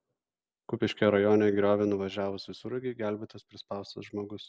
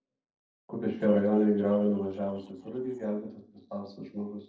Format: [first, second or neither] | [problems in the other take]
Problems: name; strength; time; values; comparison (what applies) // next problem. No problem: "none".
first | noise reduction (neural separator model SepFormer DNS4)